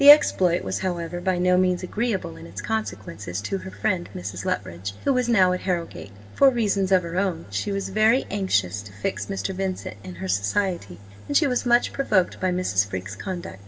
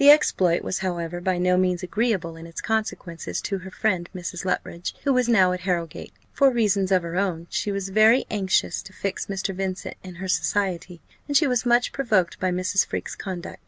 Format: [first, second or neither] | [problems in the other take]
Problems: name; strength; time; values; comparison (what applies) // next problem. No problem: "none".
second | background sound (Mechanical fan); 18 dB below the speech // room echo; dies away in 1.7 s